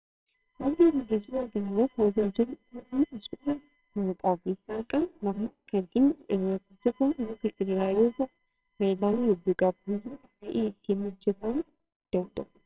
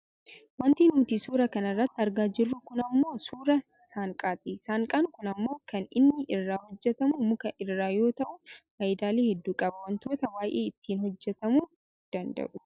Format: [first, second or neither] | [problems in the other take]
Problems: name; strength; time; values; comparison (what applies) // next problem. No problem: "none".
second | noise reduction (neural separator model SepFormer WHAMR!)